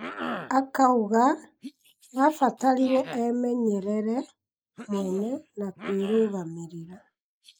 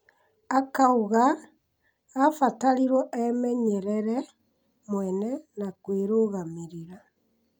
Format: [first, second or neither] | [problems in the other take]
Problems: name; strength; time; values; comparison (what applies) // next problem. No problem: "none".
second | noise reduction (neural mask model Resemble Enhance denoiser)